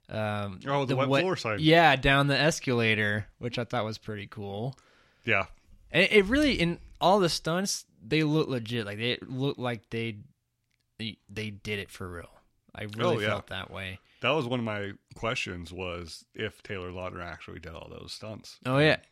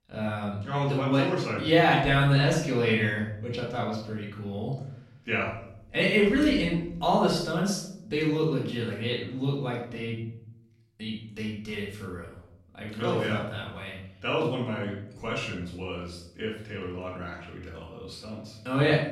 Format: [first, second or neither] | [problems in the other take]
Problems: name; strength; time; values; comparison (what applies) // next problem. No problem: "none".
first | off-mic speech; far // room echo; noticeable; dies away in 0.7 s